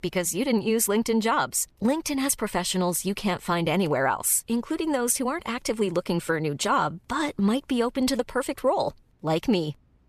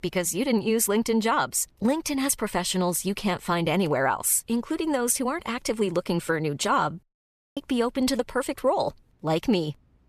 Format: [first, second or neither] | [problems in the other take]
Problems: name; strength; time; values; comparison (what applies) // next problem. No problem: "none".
first | audio cutting out; at 7 s for 0.5 s